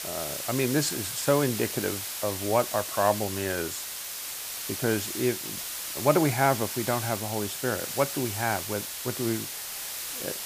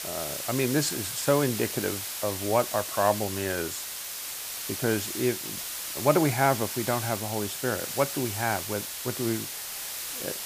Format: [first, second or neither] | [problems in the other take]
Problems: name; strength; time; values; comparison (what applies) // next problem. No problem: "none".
neither | hiss; loud; throughout; 4 dB below the speech; the same in both